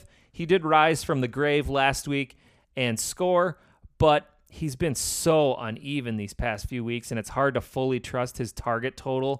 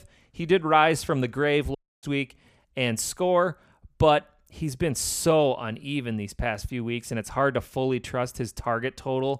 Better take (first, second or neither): first